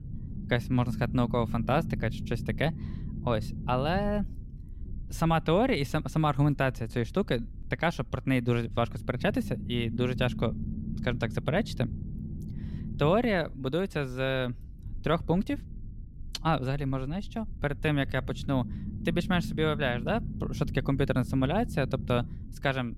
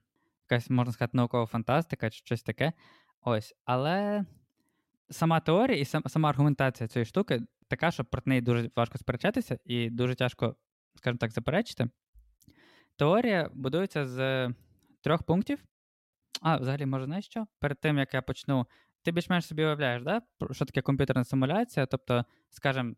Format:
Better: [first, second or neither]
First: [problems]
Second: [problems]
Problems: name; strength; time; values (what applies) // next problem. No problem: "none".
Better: second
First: low rumble; noticeable; throughout; 15 dB below the speech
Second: none